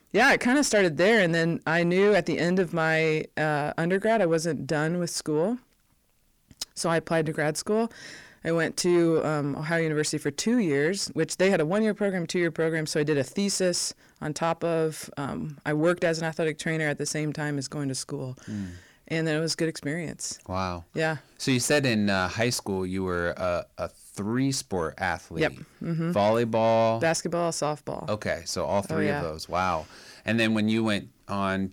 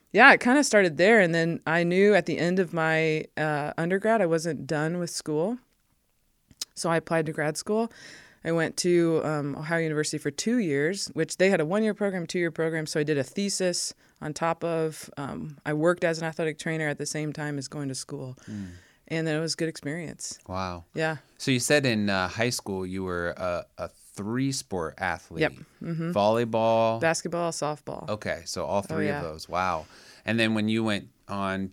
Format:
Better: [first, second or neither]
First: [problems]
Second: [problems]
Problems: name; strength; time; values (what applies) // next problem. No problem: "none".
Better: second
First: distortion; slight; 10 dB below the speech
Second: none